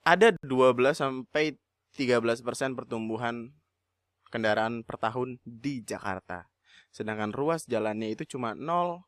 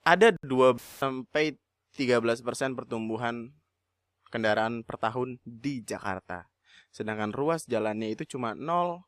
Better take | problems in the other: first | audio cutting out; filled with static; at 1 s

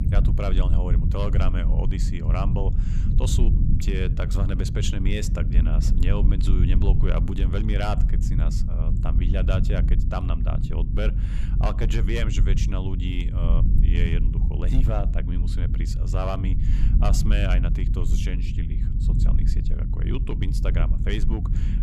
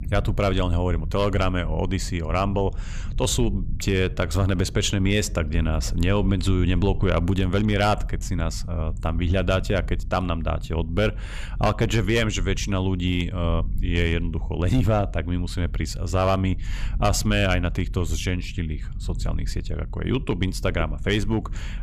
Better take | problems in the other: second | low rumble; loud; throughout; 6 dB below the speech; faint in the second

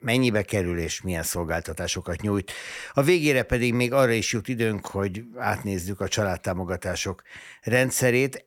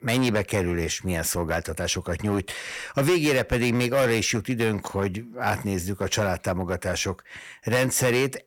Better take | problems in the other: first | distortion; slight; 6% of the sound clipped

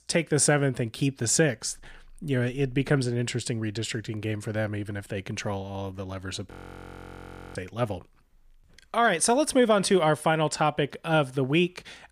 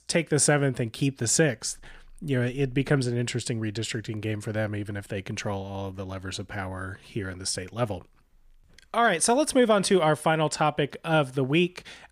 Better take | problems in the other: second | audio freezing; at 6.5 s for 1 s

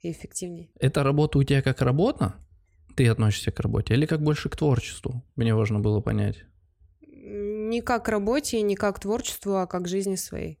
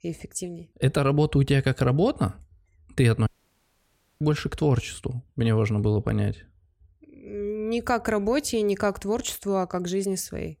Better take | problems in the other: first | audio cutting out; at 3.5 s for 1 s

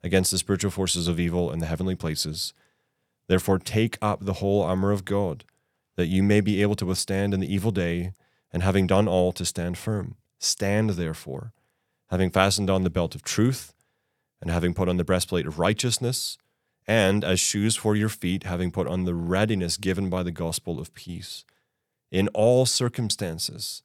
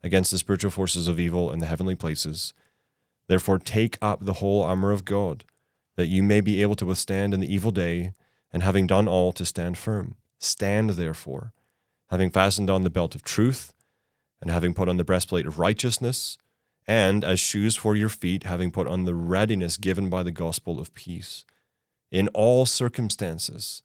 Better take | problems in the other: first | garbled, watery; slightly

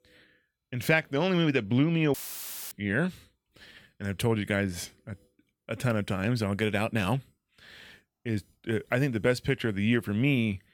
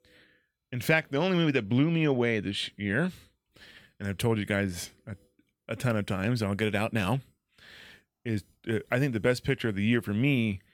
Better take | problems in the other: second | audio cutting out; filled with static; at 2 s for 0.5 s

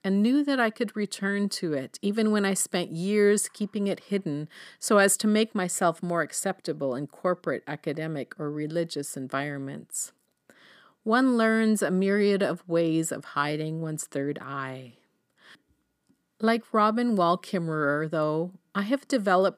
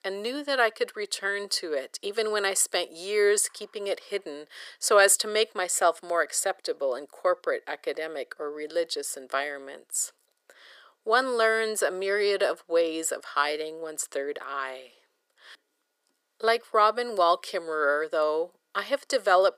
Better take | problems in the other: first | thin; very; fading below 450 Hz

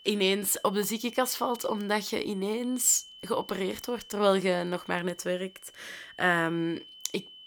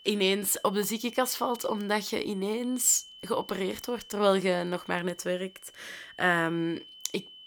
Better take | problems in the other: neither | high-pitched whine; faint; throughout; 3 kHz, 20 dB below the speech; the same in both

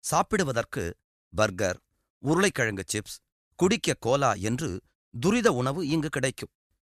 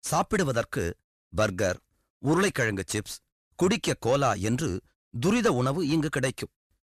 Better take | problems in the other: first | distortion; slight; 10 dB below the speech

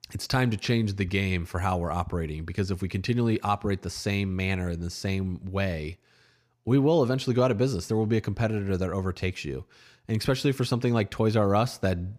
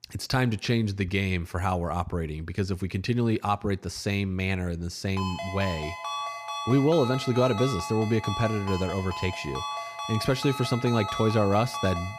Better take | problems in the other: first | phone ringing; noticeable; from 5 s on; peak 5 dB below the speech

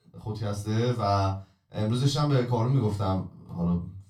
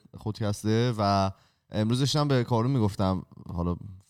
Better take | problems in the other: second | off-mic speech; far // room echo; very slight; dies away in 0.2 s

